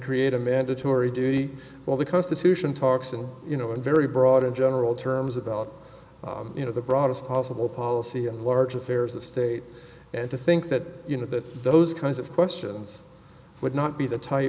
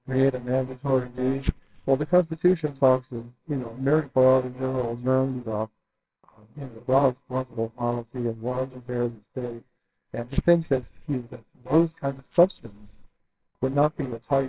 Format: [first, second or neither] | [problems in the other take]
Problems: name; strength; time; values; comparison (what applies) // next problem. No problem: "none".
first | noise reduction (neural separator model SepFormer WHAMR!)